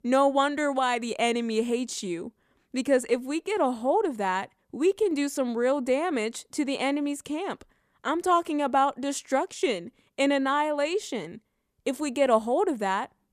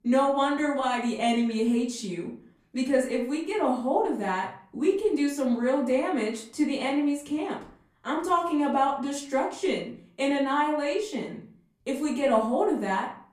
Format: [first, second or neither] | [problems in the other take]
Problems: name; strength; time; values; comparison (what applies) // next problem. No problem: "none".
first | off-mic speech; far // room echo; slight; dies away in 0.4 s